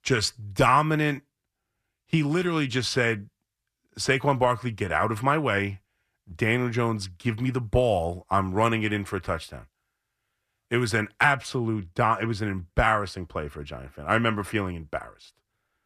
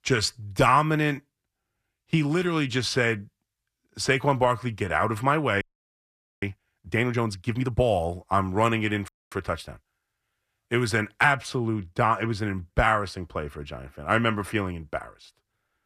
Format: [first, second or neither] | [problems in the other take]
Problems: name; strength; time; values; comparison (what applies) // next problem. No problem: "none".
first | audio freezing; at 5.5 s for 1 s and at 9 s